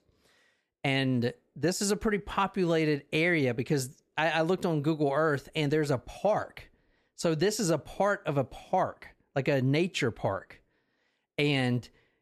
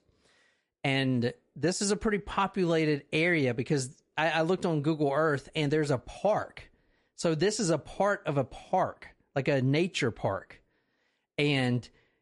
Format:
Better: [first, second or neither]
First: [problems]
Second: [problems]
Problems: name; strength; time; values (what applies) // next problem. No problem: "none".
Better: first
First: none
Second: garbled, watery; slightly; nothing above 11 kHz